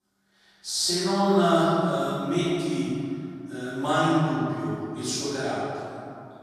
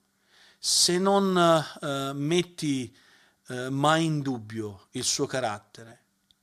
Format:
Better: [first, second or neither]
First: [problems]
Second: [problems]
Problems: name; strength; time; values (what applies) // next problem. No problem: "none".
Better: second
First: off-mic speech; far // room echo; strong; dies away in 2.4 s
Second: none